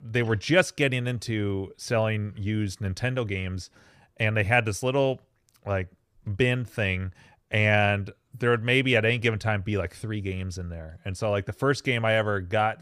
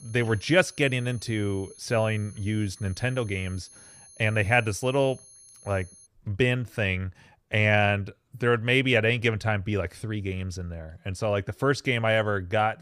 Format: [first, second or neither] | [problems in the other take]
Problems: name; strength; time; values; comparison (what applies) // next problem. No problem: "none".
first | high-pitched whine; faint; until 6 s; 10.5 kHz, 25 dB below the speech